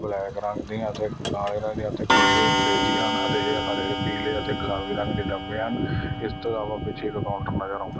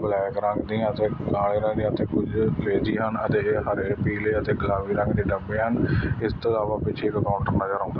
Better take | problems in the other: second | background sound (Clock); as loud as the speech

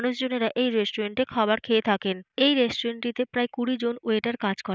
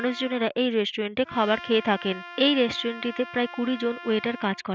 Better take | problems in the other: first | background sound (Trumpet); 16 dB below the speech

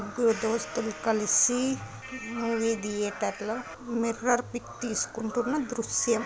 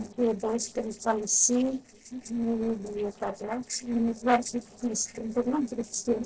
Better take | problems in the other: first | noise reduction (neural separator model SepFormer DNS4)

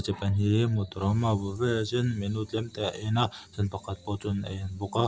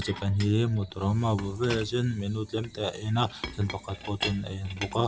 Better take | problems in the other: first | background sound (Chink, clink); 13 dB below the speech

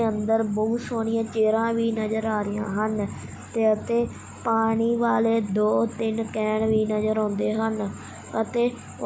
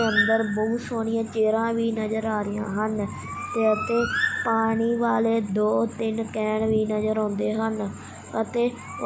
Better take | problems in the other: first | background sound (Bird); 10 dB below the speech

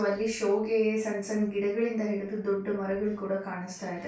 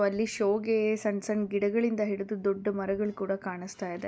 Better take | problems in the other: second | room echo; dies away in 0.3 s

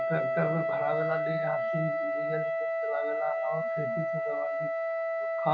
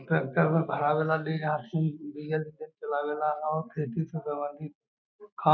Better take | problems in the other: second | background sound (Wind instrument, woodwind instrument); 5 dB above the speech

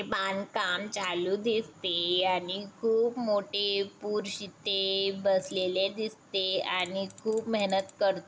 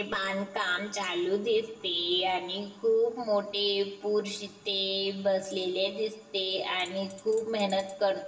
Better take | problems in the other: first | room echo; dies away in 0.9 s

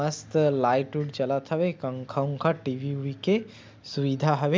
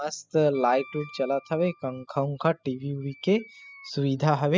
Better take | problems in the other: first | noise reduction (classical method spectral subtraction)

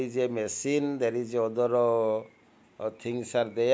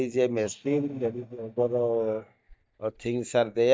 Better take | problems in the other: first | noise reduction (neural mask model DeepFilterNet 3)

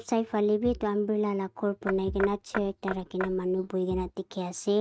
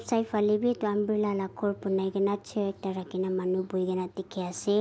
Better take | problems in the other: second | noise reduction (neural mask model RNNoise)

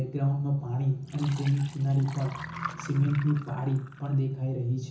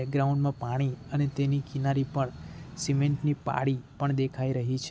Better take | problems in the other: second | background sound (Liquid); 17 dB below the speech // room echo; dies away in 0.7 s

